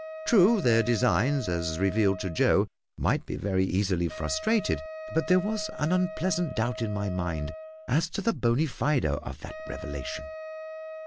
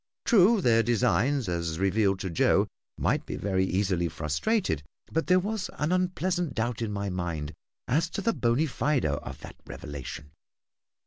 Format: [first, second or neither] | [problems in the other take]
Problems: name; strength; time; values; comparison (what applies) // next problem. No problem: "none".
second | background sound (Wind instrument, woodwind instrument); 13 dB below the speech